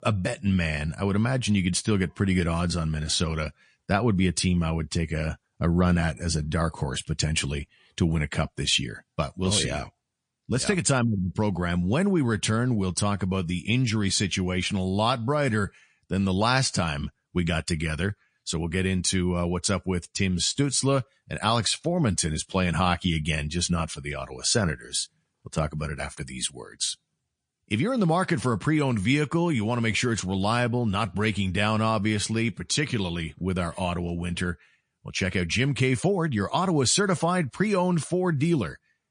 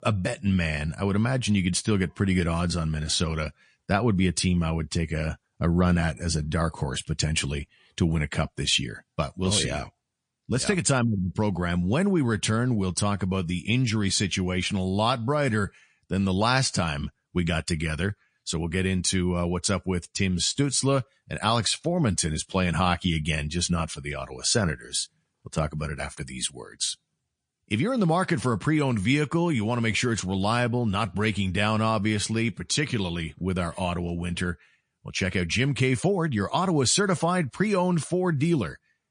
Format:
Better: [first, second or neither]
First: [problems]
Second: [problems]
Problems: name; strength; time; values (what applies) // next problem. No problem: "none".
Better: neither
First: garbled, watery; slightly; nothing above 9.5 kHz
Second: garbled, watery; slightly; nothing above 9.5 kHz